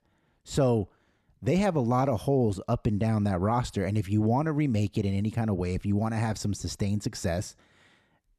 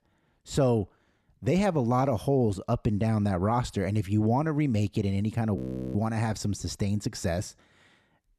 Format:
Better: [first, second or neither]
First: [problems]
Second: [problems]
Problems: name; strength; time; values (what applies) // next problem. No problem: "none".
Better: first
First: none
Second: audio freezing; at 5.5 s